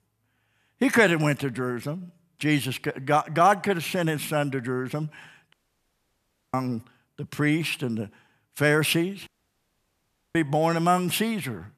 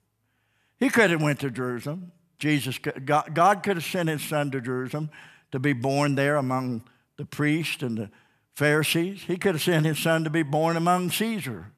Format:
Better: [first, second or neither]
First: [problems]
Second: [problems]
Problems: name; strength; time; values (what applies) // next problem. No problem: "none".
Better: second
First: audio cutting out; at 5.5 s for 1 s and at 9.5 s for 1 s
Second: none